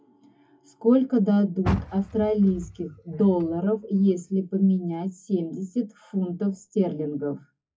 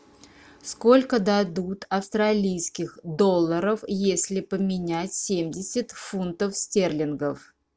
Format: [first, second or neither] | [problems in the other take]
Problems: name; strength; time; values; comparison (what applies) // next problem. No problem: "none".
second | noise reduction (classical method WPE with log-MMSE)